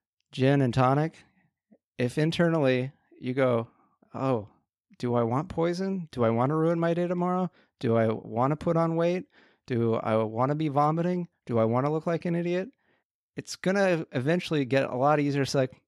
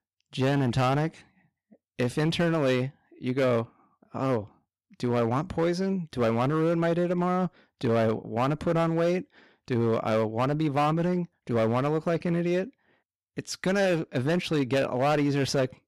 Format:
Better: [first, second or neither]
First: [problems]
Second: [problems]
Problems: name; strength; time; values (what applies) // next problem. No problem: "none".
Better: first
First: none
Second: distortion; slight; 9% of the sound clipped